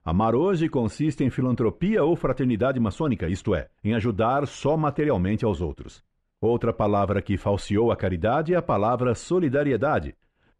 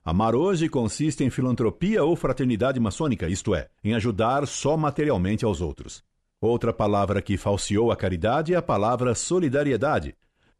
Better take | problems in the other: second | muffled; slightly; fading above 4 kHz

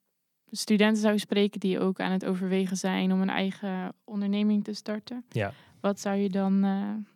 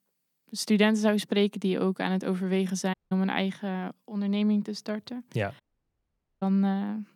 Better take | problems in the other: first | audio cutting out; at 3 s and at 5.5 s for 1 s

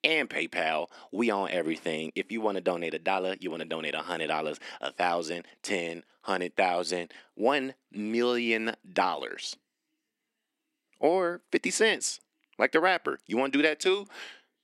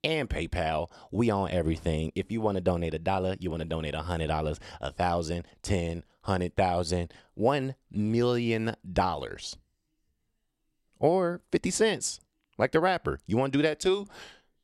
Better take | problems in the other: second | thin; very slightly; fading below 250 Hz

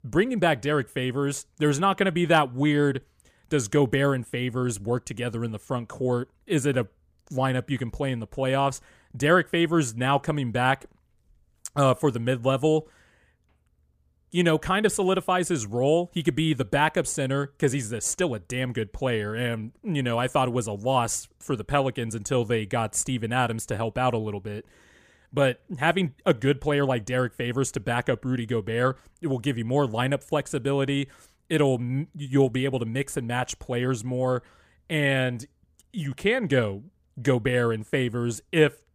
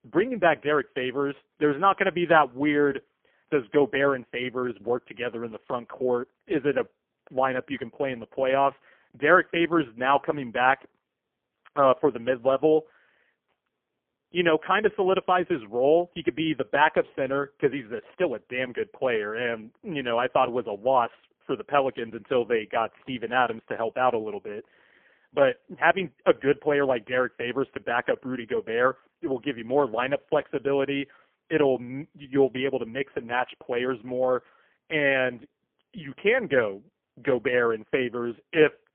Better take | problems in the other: first | phone-call audio; poor line; nothing above 3.5 kHz

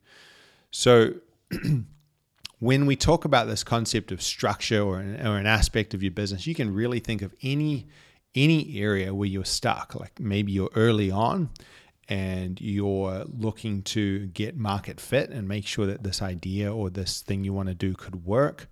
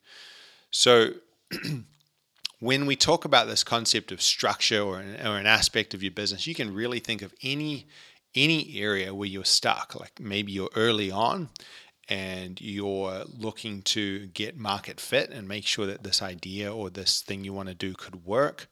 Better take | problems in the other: first | thin; somewhat; fading below 450 Hz

